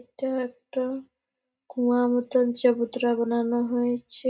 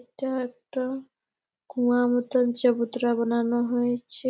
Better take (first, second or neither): second